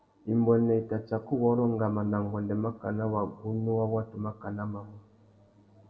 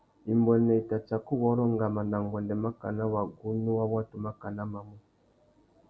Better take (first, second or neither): second